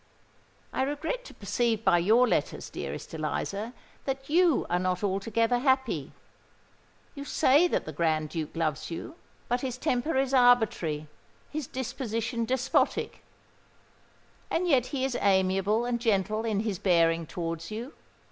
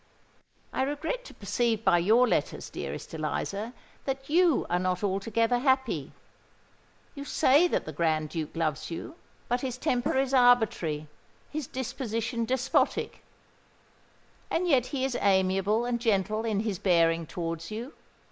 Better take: first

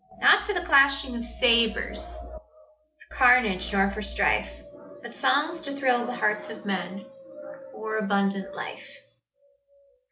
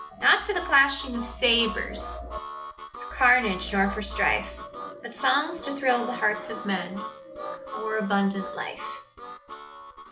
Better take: first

